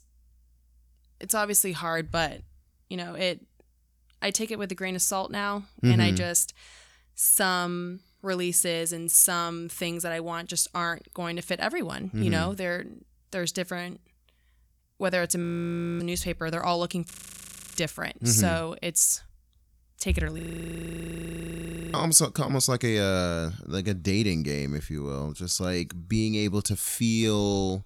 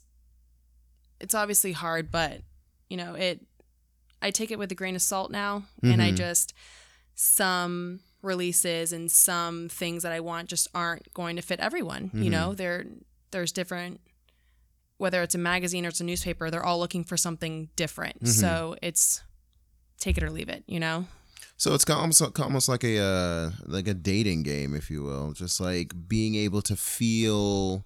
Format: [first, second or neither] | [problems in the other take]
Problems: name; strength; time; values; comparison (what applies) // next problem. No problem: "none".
second | audio freezing; at 15 s for 0.5 s, at 17 s for 0.5 s and at 20 s for 1.5 s